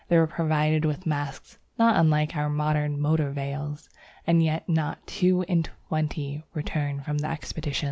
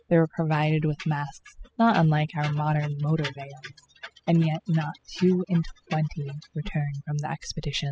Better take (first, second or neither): first